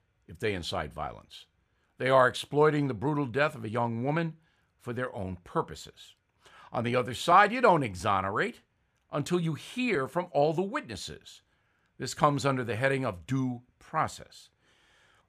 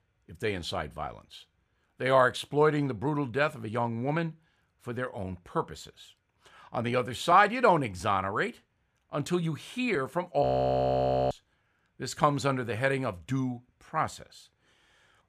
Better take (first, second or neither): first